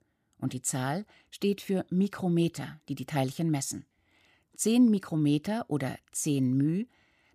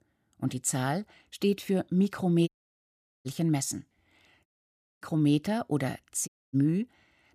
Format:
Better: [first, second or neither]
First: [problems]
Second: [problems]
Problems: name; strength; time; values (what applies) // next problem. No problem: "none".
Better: first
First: none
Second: audio cutting out; at 2.5 s for 1 s, at 4.5 s for 0.5 s and at 6.5 s